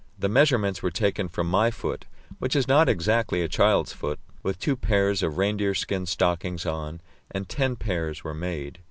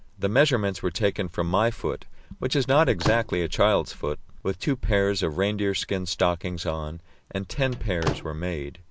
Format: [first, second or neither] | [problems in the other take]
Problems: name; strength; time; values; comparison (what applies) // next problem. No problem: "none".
first | background sound (Slam / Microwave oven); 7 dB below the speech